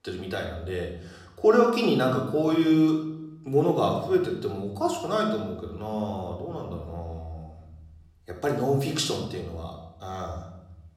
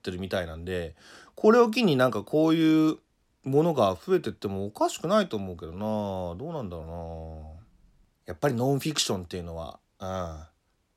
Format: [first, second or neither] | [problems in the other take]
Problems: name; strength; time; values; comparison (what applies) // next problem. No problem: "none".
second | room echo; noticeable; dies away in 0.8 s // off-mic speech; somewhat distant